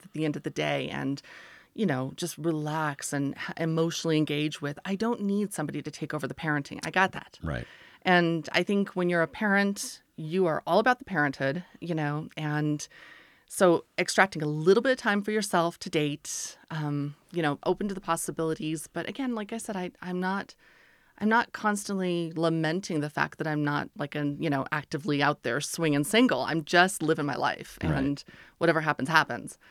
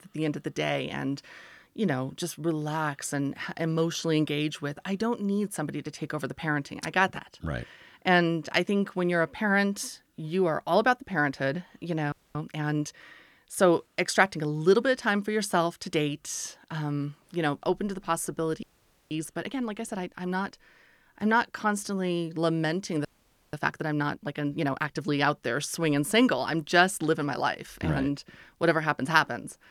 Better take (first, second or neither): first